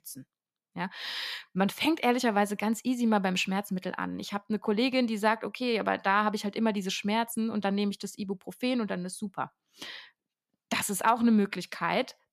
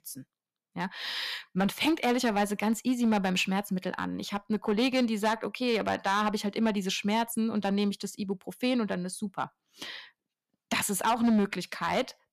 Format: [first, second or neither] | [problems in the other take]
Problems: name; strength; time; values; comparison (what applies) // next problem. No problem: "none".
first | distortion; slight; 4% of the sound clipped